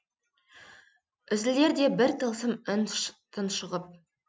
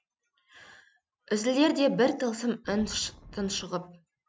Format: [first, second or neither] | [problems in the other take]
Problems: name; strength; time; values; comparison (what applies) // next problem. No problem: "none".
first | background sound (Wind); 17 dB below the speech